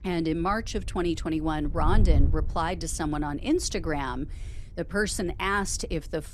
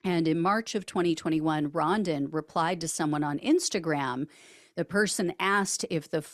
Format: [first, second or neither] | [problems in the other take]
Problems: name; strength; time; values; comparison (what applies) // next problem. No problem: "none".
second | wind noise on the microphone; occasional gusts; 20 dB below the speech